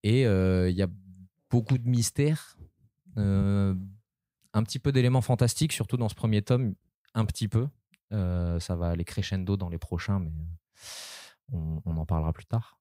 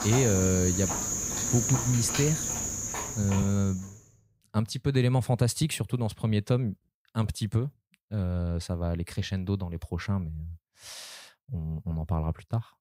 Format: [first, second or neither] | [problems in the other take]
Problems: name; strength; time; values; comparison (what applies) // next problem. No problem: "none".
first | animal sounds; loud; until 3.5 s; as loud as the speech